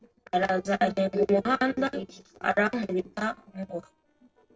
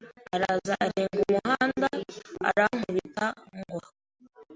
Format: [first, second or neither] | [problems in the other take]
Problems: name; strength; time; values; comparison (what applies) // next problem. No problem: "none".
second | noise reduction (neural separator model SepFormer DNS4)